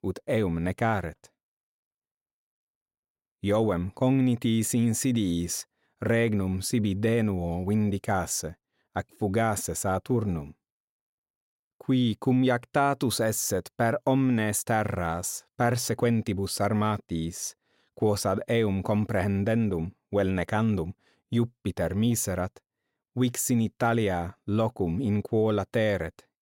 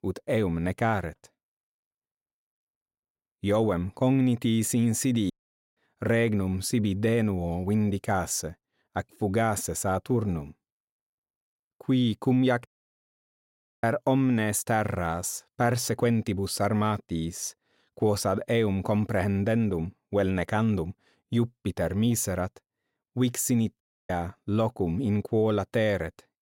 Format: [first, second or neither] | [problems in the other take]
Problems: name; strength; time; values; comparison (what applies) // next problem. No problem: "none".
first | audio cutting out; at 5.5 s, at 13 s for 1 s and at 24 s